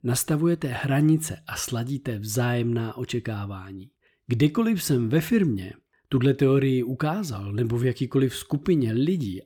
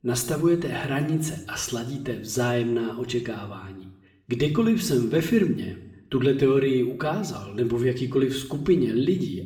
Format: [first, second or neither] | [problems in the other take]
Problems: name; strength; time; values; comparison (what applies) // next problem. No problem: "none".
first | room echo; slight; dies away in 0.6 s // off-mic speech; somewhat distant